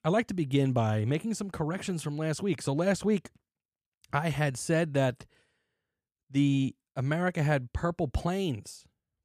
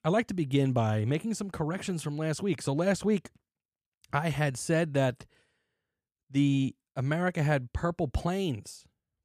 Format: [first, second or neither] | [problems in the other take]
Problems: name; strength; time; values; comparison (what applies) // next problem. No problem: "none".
neither | none